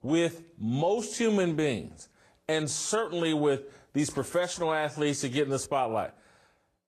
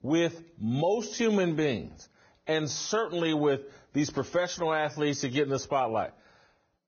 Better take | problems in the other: first | garbled, watery; badly; nothing above 6.5 kHz; slightly in the first

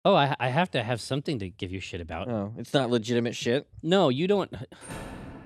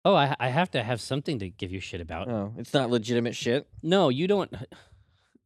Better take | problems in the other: second | door banging; faint; at 5 s; peak 10 dB below the speech

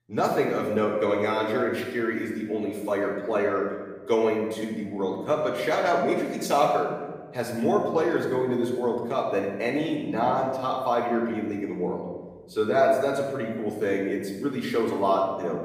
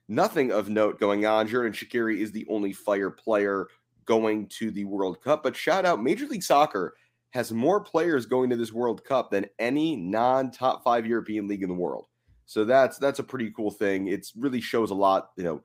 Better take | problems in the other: second | room echo; noticeable; dies away in 1.2 s // off-mic speech; somewhat distant

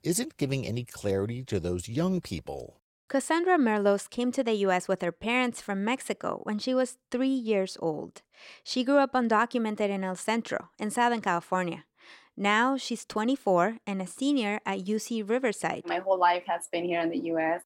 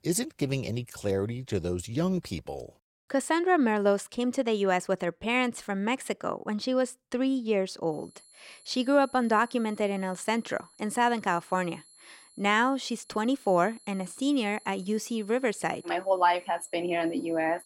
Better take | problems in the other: first | high-pitched whine; faint; from 8 s on; 11 kHz, 25 dB below the speech

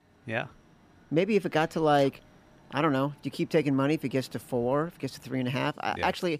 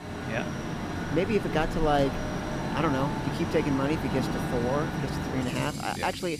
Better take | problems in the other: first | machinery noise; loud; throughout; 2 dB below the speech; faint in the first

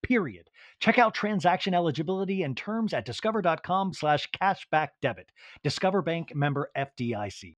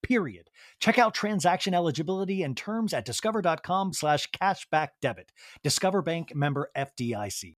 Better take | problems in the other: second | muffled; very slightly; fading above 3 kHz

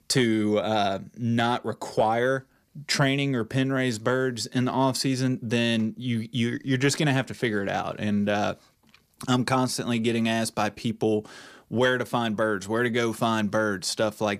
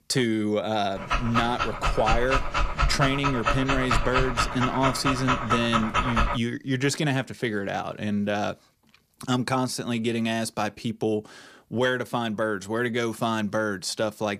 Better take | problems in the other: first | dog barking; loud; from 1 to 6.5 s; peak 2 dB above the speech

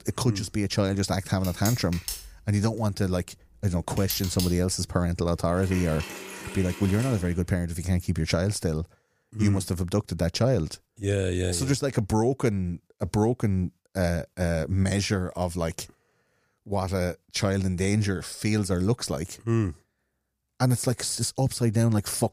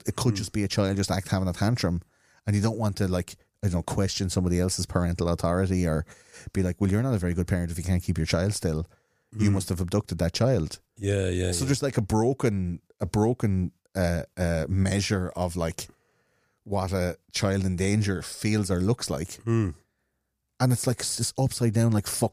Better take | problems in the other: second | household noises; loud; until 7 s; 10 dB below the speech

